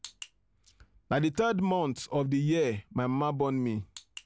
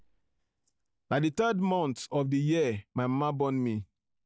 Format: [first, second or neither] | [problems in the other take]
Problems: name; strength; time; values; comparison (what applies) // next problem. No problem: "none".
first | noise reduction (neural mask model DeepFilterNet 3)